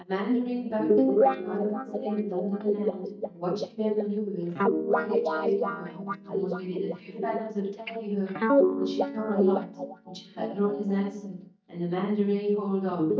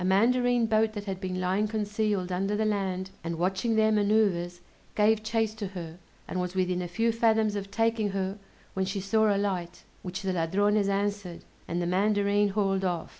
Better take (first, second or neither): second